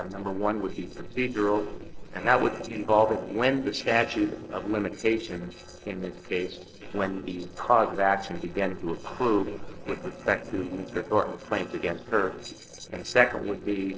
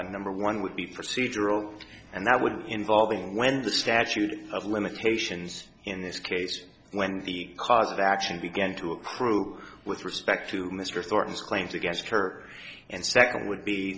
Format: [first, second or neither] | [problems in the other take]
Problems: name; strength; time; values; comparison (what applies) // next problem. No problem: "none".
second | noise reduction (neural separator model SepFormer DNS4)